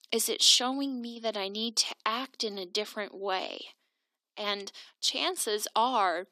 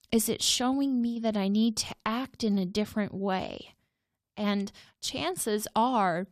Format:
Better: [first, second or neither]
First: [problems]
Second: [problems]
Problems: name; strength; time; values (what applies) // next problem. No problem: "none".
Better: second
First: thin; somewhat; fading below 300 Hz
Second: none